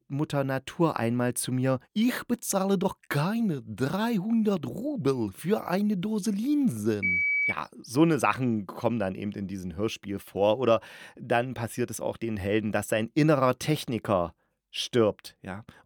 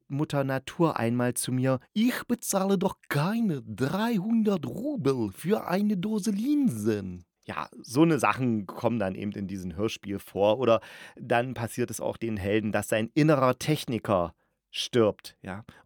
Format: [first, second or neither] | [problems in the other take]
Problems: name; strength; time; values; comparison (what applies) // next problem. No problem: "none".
second | phone ringing; loud; at 7 s; peak 5 dB above the speech